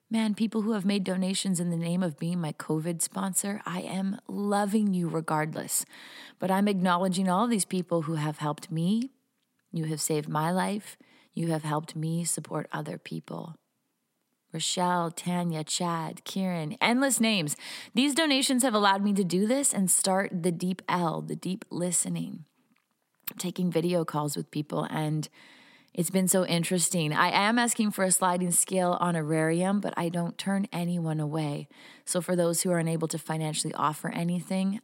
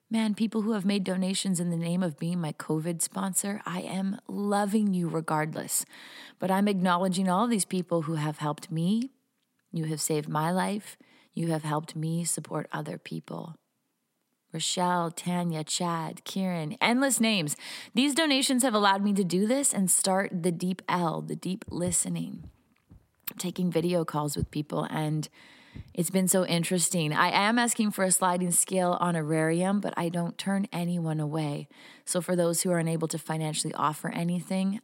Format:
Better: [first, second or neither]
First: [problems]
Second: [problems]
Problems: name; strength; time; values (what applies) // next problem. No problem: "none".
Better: first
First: none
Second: footsteps; faint; from 22 to 26 s; peak 10 dB below the speech